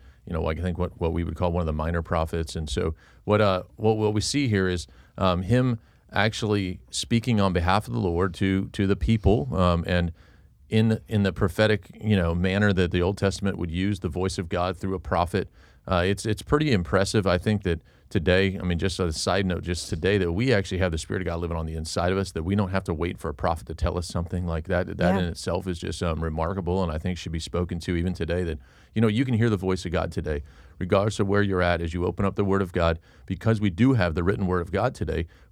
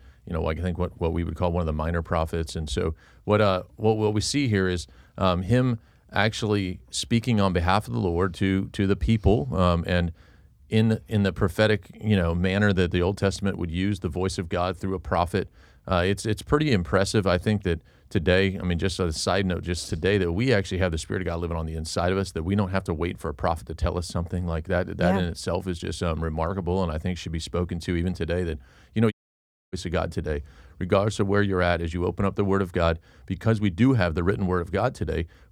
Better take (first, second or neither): first